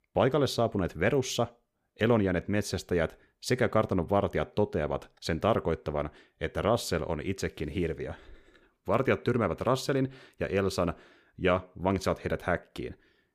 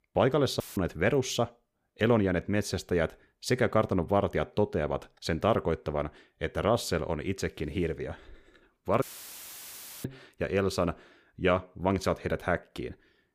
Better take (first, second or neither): first